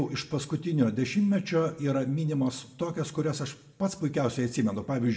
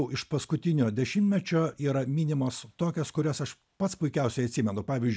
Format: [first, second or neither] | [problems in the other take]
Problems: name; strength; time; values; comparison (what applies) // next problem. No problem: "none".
second | room echo; dies away in 0.5 s